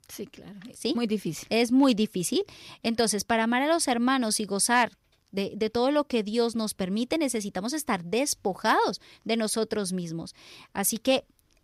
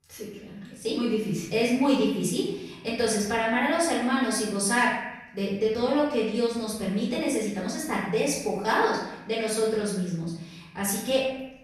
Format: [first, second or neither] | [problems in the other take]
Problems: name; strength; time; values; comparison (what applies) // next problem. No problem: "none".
first | off-mic speech; far // room echo; noticeable; dies away in 0.9 s